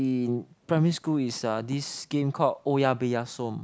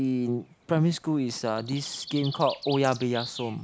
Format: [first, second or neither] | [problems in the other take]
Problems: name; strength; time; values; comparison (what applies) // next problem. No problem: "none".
first | background sound (Bird); 16 dB below the speech